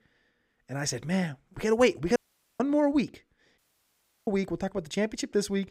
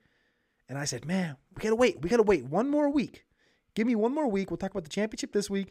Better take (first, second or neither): second